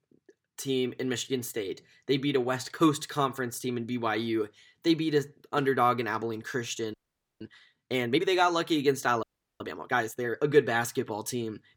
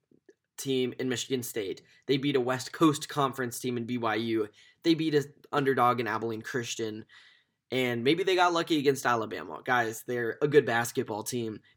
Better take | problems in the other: second | audio freezing; at 7 s and at 9 s

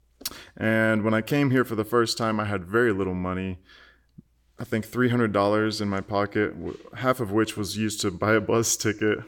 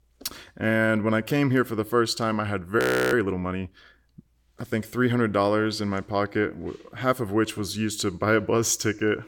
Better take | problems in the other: first | audio freezing; at 3 s

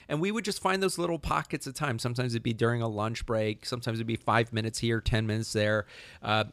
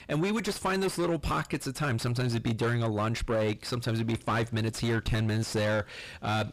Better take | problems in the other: first | distortion; heavy; 7 dB below the speech

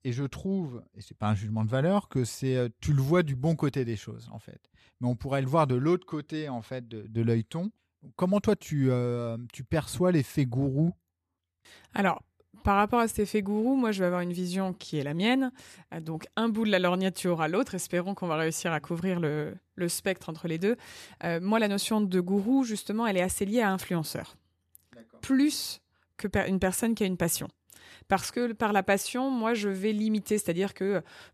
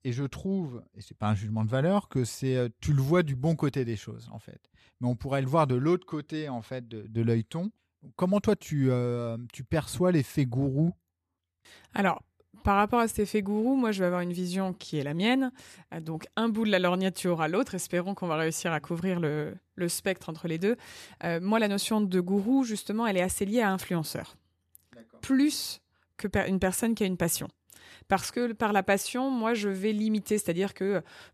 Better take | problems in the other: neither | none

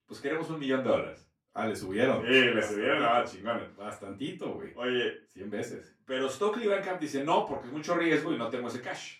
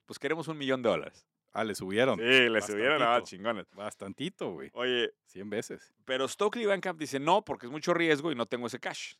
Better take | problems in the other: second | off-mic speech; far // room echo; slight; dies away in 0.3 s

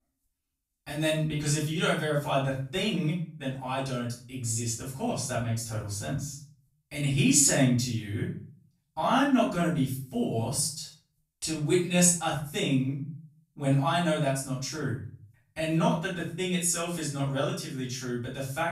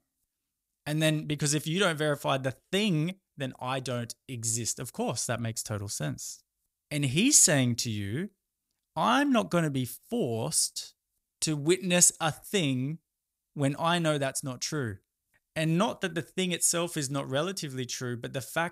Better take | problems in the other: second | off-mic speech; far // room echo; noticeable; dies away in 0.4 s

